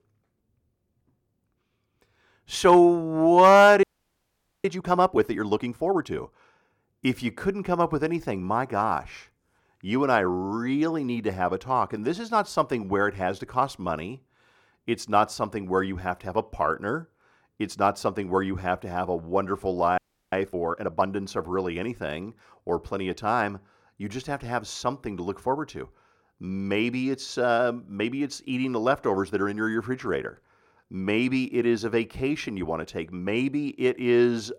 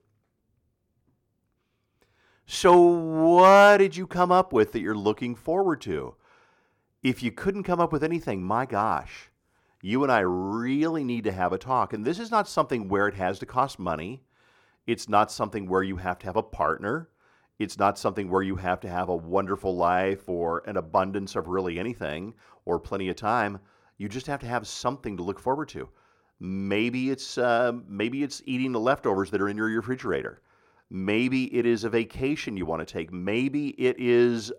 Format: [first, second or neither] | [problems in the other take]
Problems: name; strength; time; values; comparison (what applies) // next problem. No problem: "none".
second | audio freezing; at 4 s for 1 s and at 20 s